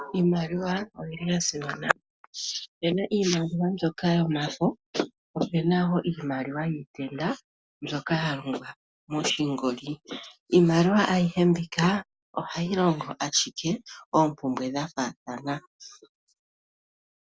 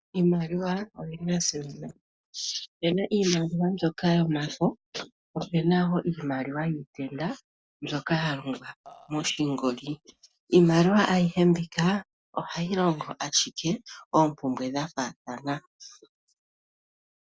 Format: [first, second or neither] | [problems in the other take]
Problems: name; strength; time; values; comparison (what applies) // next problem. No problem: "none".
first | noise reduction (neural mask model DeepFilterNet 3)